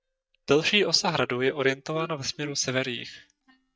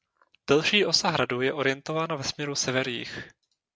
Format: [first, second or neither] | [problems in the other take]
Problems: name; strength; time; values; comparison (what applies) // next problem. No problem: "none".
second | noise reduction (neural mask model DeepFilterNet 3)